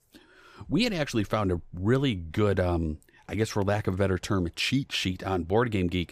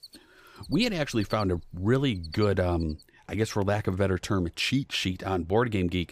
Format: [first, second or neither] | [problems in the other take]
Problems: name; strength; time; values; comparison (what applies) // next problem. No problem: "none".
first | animal sounds; noticeable; until 3 s; 20 dB below the speech